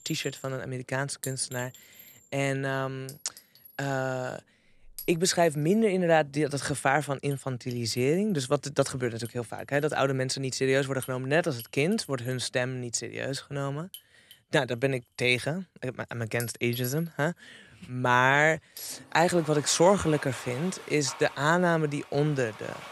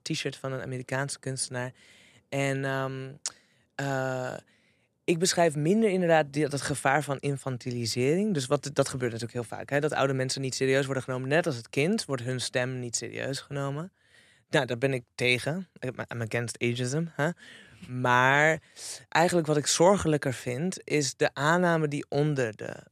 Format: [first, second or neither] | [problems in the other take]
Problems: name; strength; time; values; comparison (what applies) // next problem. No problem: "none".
second | household noises; noticeable; throughout; 20 dB below the speech